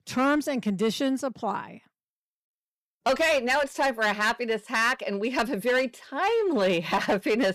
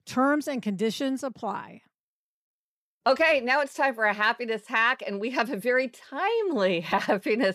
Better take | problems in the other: second | distortion; slight; 8% of the sound clipped

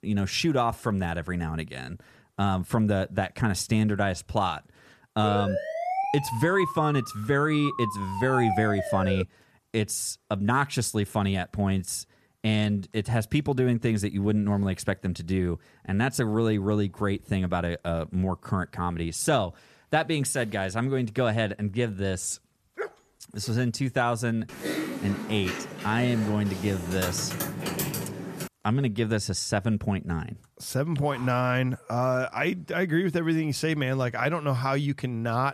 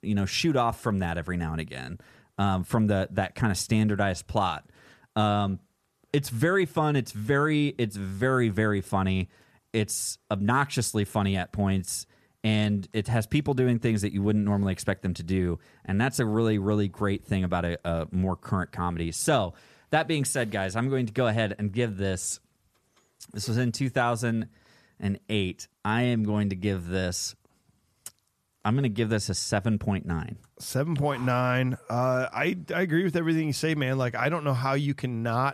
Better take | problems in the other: second | siren; noticeable; from 5 to 9 s; peak 1 dB below the speech // dog barking; faint; at 23 s; peak 10 dB below the speech // keyboard typing; noticeable; from 24 to 28 s; peak 2 dB below the speech

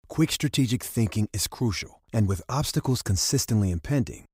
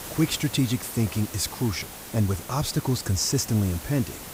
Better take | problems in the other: first | hiss; noticeable; throughout; 10 dB below the speech

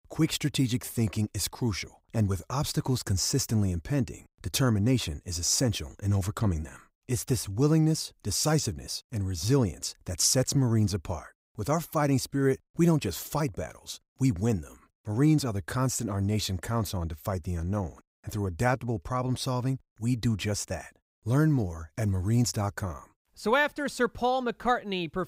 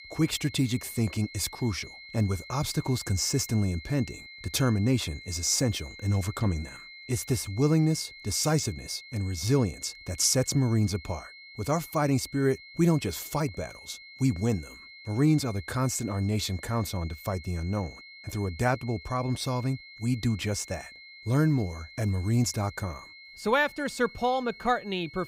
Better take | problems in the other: first | high-pitched whine; noticeable; throughout; 2 kHz, 15 dB below the speech

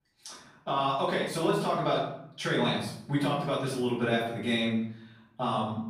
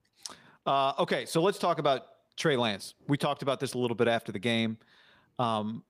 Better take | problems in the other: second | room echo; noticeable; dies away in 0.6 s // off-mic speech; far

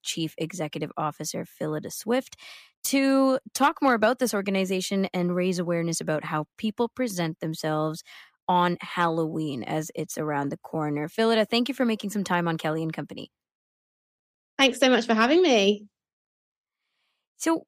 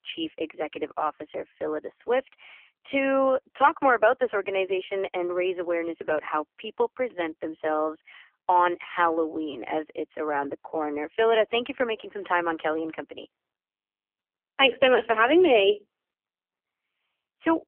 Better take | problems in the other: first | phone-call audio; poor line; nothing above 3 kHz

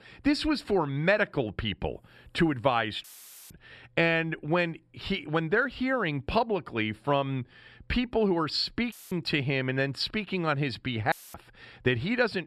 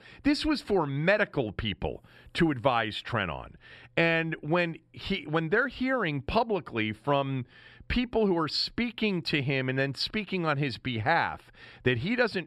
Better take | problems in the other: second | audio cutting out; filled with static; at 3 s, at 9 s and at 11 s

